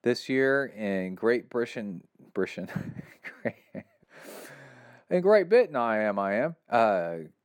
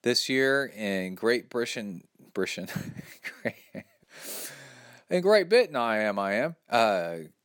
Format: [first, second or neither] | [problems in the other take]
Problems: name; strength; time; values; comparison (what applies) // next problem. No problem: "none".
second | muffled; slightly; fading above 2.5 kHz